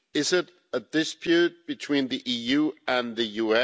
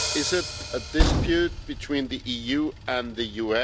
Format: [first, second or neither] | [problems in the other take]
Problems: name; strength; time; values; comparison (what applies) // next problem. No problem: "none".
first | background sound (Hi-hat + Train); 1 dB below the speech